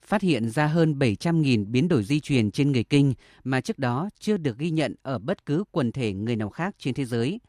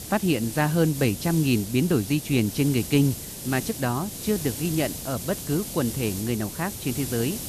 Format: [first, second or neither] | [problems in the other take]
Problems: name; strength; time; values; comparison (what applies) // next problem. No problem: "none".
first | hiss; loud; throughout; 8 dB below the speech